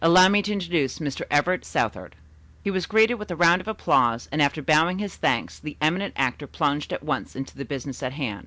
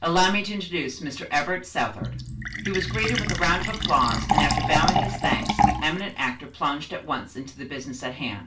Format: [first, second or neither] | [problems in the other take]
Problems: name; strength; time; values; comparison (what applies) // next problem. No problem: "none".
first | background sound (Fill (with liquid)); 1 dB below the speech // room echo; dies away in 0.3 s